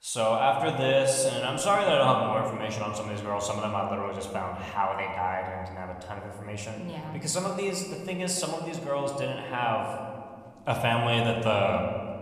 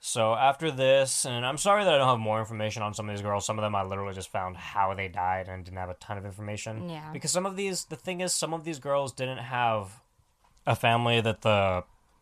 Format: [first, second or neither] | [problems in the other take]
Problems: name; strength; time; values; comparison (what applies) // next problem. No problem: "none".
second | room echo; slight; dies away in 2 s